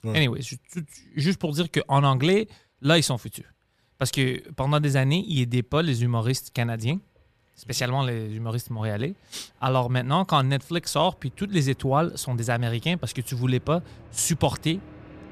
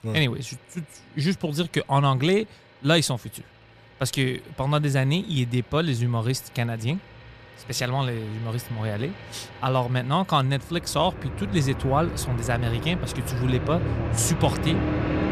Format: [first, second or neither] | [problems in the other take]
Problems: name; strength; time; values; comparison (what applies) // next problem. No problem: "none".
first | traffic noise; loud; throughout; 6 dB below the speech; faint in the first